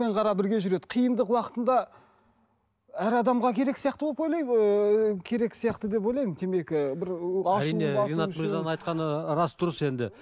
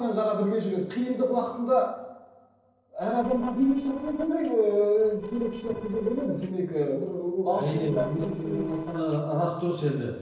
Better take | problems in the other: first | noise reduction (neural separator model SepFormer DNS4)

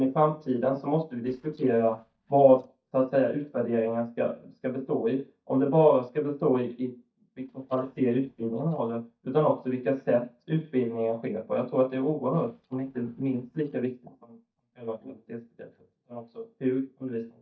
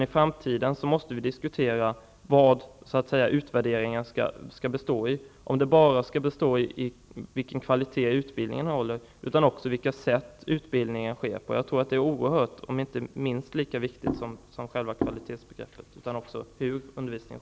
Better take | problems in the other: second | noise reduction (neural mask model DeepFilterNet 3)

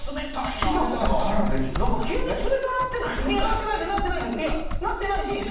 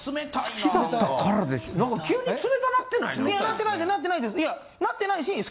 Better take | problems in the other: second | background sound (Typing); 1 dB below the speech // room echo; dies away in 0.7 s

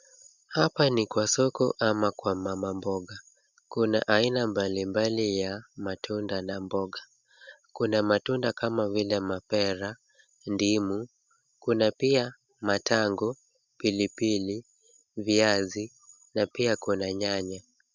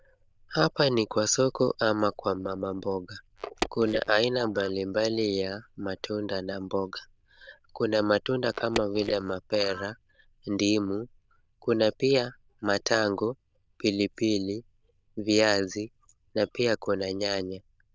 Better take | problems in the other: first | noise reduction (neural diffusion model UNIVERSE++)

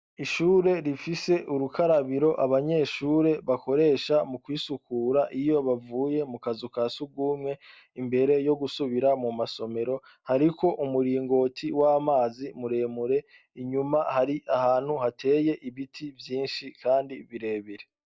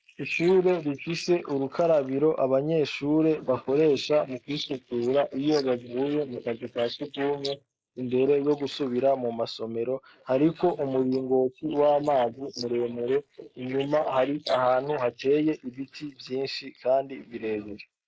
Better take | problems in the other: first | noise reduction (neural mask model Resemble Enhance denoiser)

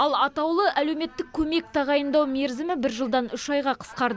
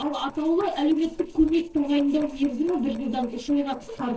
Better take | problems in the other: first | noise reduction (neural separator model SepFormer DNS4)

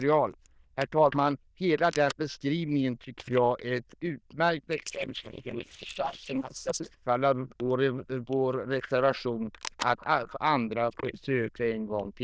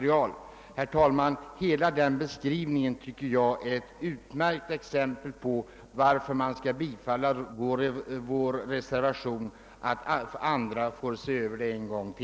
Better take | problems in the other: second | noise reduction (neural diffusion model UNIVERSE++)

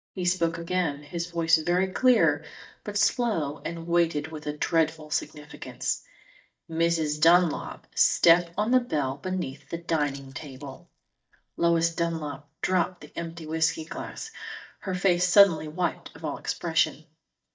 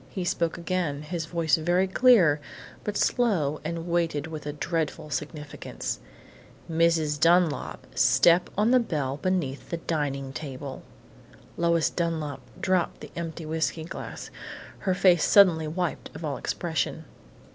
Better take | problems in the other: second | noise reduction (neural mask model DeepFilterNet 3)

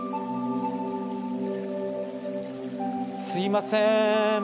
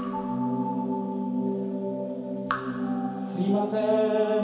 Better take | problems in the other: first | background sound (Raindrop / Drip); 15 dB below the speech // room echo; dies away in 2.2 s

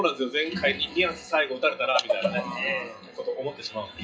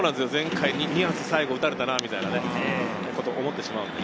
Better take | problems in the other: second | noise reduction (classical method WPE with log-MMSE)

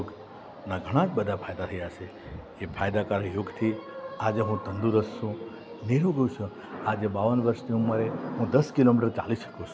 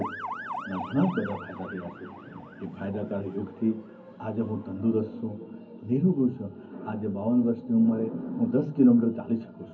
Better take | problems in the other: first | background sound (Motor vehicle (road) / Siren); 16 dB below the speech // room echo; dies away in 0.4 s

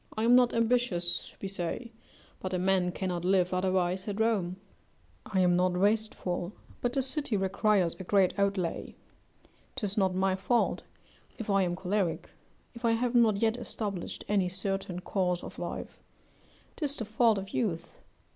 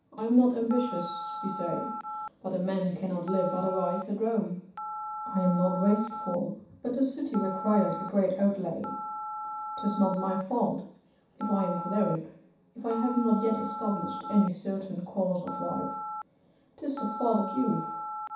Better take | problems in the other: first | background sound (Telephone); 9 dB below the speech // room echo; dies away in 0.7 s

